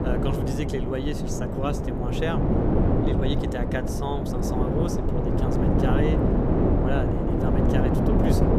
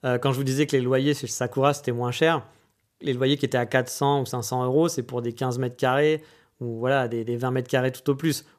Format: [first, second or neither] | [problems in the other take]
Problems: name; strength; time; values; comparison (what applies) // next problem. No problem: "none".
second | wind noise on the microphone; heavy; 4 dB above the speech